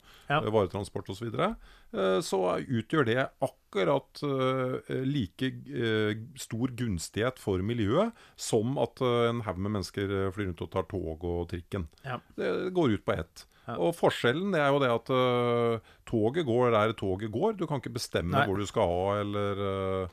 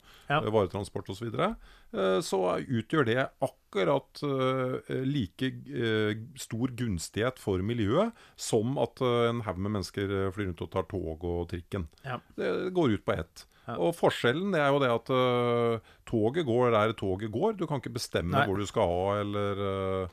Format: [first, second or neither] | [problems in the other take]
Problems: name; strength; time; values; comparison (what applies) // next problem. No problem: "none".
neither | none